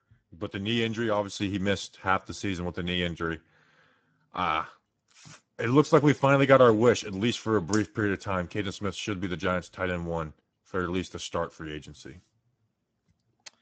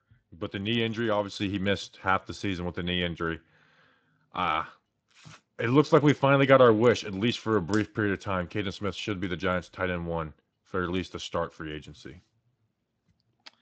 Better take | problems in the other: second | garbled, watery; badly; nothing above 7.5 kHz; slightly in the second

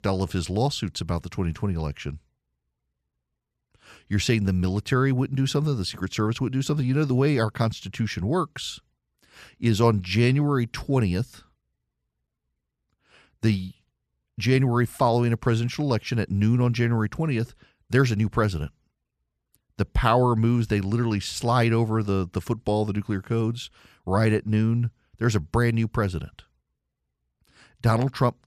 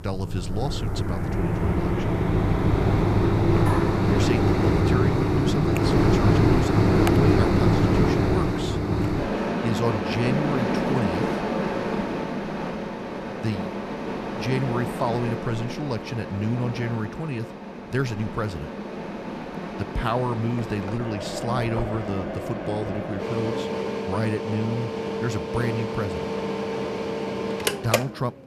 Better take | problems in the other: first | machinery noise; very loud; throughout; 4 dB above the speech

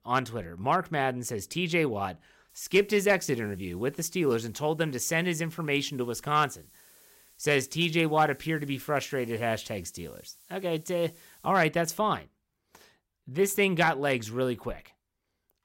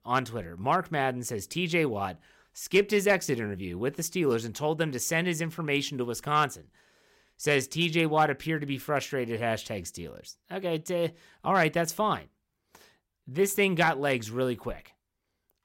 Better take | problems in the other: second | hiss; faint; from 2.5 to 12 s; 25 dB below the speech

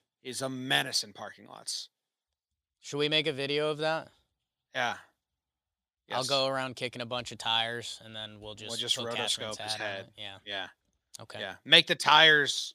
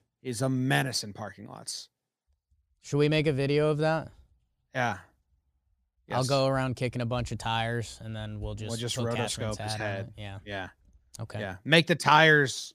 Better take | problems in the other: second | thin; somewhat; fading below 550 Hz

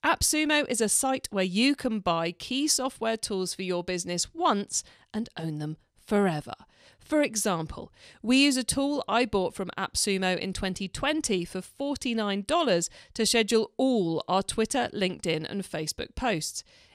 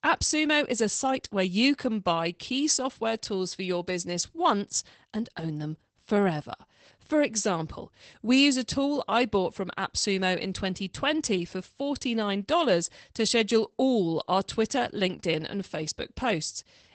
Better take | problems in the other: first | garbled, watery; badly; nothing above 8 kHz

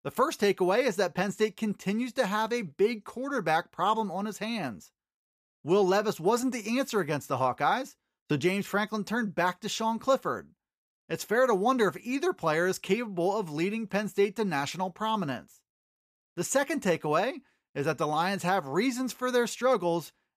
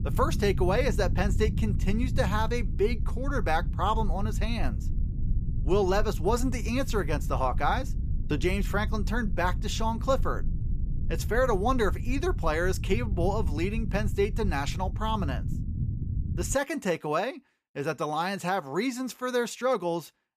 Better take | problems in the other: first | low rumble; noticeable; until 17 s; 15 dB below the speech

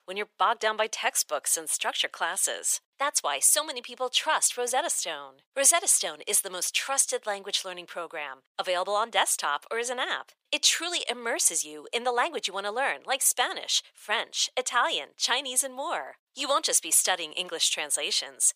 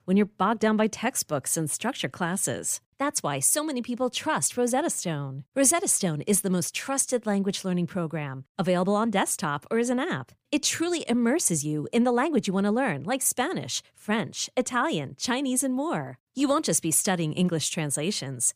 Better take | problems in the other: second | thin; very; fading below 600 Hz

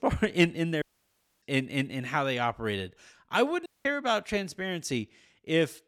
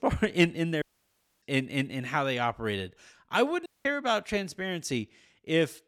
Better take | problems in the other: neither | audio cutting out; at 1 s for 0.5 s and at 3.5 s; the same in both

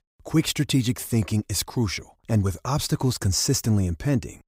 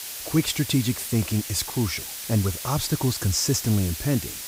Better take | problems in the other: first | hiss; loud; throughout; 7 dB below the speech

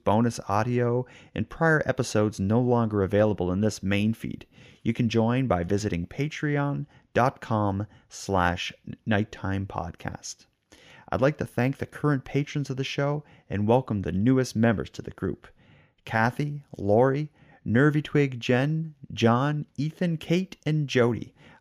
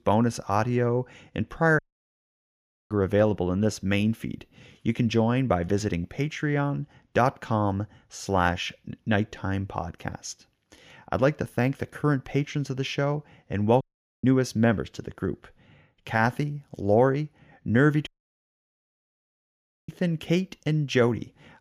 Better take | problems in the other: first | audio cutting out; at 2 s for 1 s, at 14 s and at 18 s for 2 s

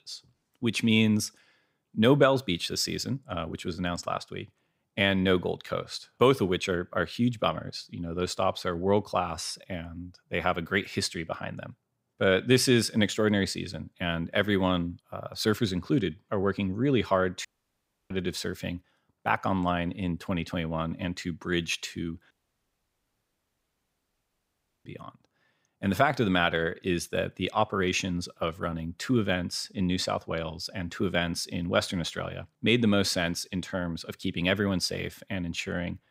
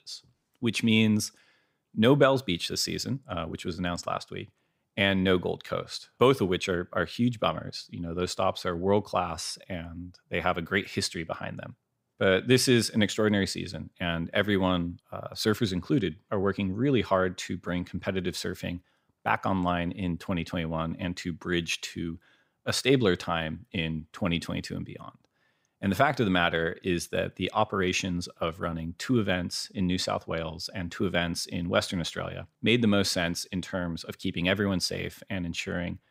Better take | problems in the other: second | audio cutting out; at 17 s for 0.5 s and at 22 s for 2.5 s

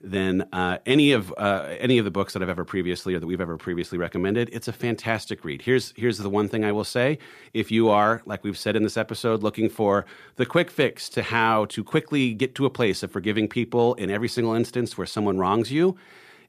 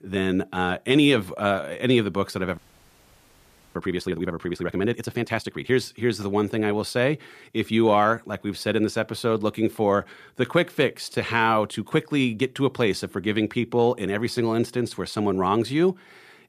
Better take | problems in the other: first | audio freezing; at 2.5 s for 1 s

